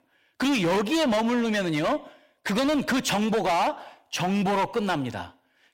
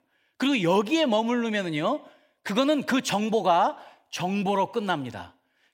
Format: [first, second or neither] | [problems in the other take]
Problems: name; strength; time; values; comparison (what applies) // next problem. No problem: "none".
second | distortion; heavy; 18% of the sound clipped